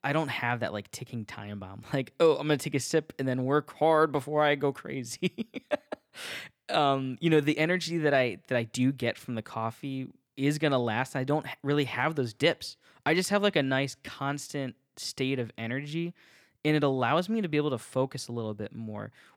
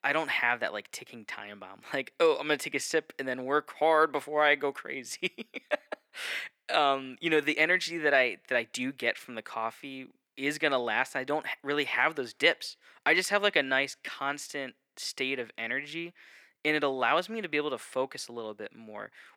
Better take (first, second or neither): first